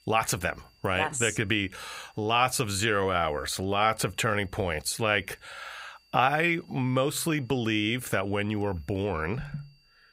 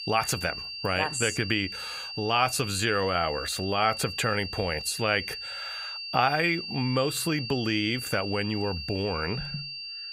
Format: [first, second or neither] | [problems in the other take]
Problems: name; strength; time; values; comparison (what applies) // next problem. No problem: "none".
first | high-pitched whine; loud; throughout; 4.5 kHz, 7 dB below the speech; faint in the first